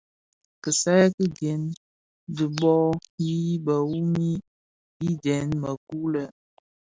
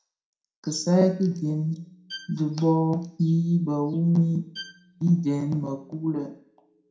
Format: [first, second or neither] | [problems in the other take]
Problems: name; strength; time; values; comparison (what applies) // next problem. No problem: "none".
first | background sound (Bowed string instrument); 19 dB below the speech // room echo; dies away in 0.5 s